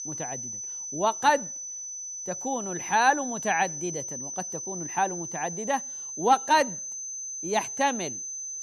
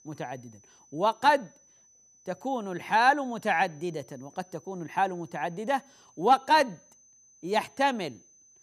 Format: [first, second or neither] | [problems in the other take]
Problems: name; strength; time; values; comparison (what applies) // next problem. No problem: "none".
second | high-pitched whine; loud; throughout; 6 kHz, 6 dB below the speech; faint in the second